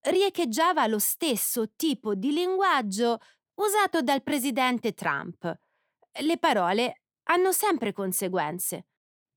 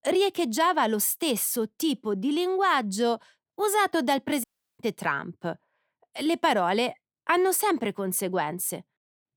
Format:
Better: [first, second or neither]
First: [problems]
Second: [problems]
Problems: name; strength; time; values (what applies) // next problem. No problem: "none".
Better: first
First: none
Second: audio cutting out; at 4.5 s